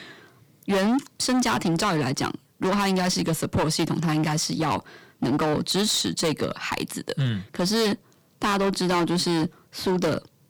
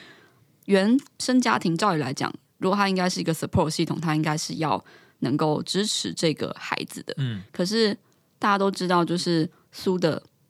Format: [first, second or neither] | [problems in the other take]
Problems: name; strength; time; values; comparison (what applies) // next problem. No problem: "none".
second | distortion; heavy; 17% of the sound clipped